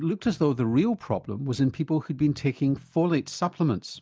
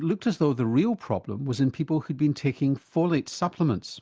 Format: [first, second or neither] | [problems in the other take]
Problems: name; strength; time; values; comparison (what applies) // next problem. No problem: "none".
second | noise reduction (neural mask model DeepFilterNet 3)